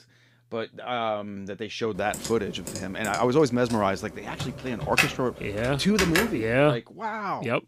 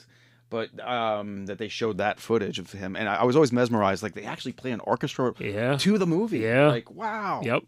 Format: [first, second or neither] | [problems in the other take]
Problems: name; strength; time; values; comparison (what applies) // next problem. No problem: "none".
second | keyboard typing; loud; from 2 to 6.5 s; peak 3 dB above the speech